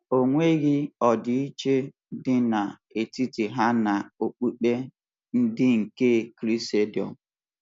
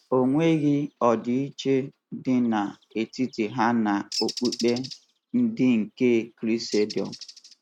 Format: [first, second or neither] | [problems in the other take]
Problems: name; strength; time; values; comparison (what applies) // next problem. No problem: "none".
first | noise reduction (neural mask model RNNoise)